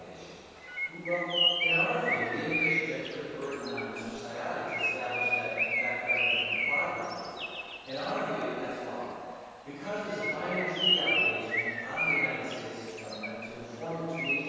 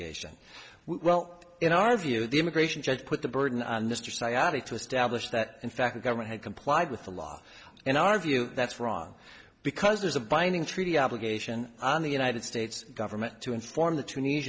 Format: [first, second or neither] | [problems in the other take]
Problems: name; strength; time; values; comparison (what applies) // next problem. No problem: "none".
second | background sound (Bird); 3 dB above the speech // room echo; dies away in 2.2 s